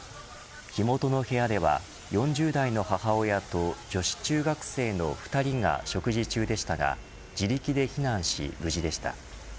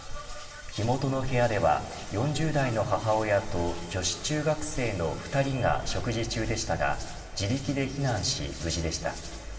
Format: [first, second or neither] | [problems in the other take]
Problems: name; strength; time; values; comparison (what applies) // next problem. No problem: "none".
first | background sound (Hands); 10 dB below the speech // room echo; dies away in 2.3 s